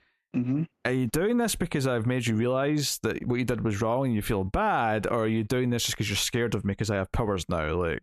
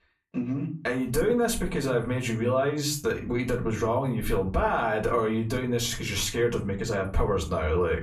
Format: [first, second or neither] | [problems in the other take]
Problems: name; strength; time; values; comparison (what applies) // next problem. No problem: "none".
first | off-mic speech; far // room echo; very slight; dies away in 0.3 s